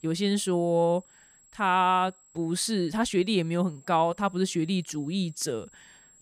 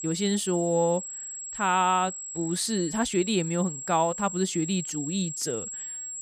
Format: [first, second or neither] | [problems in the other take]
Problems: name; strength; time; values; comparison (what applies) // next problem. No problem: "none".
first | high-pitched whine; loud; throughout; 7.5 kHz, 7 dB below the speech; faint in the first